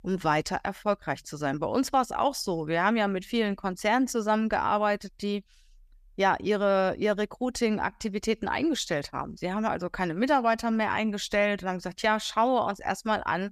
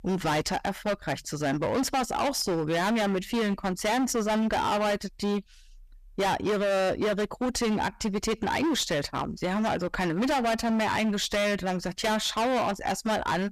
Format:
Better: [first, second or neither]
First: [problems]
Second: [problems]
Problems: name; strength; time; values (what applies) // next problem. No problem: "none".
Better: first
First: none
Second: distortion; heavy; 24% of the sound clipped